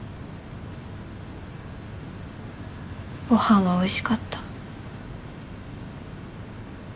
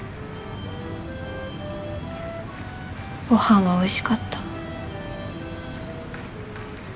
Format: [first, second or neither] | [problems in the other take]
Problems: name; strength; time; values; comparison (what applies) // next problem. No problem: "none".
first | background sound (Organ + Wind instrument, woodwind instrument); 10 dB below the speech